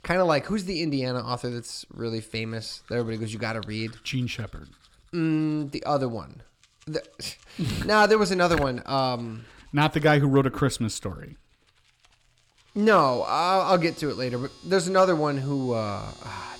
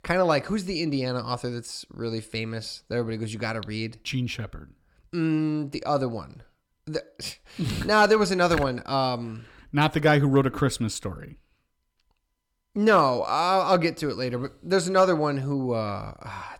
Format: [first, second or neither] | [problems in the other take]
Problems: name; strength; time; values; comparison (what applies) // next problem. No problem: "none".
second | household noises; faint; throughout; 25 dB below the speech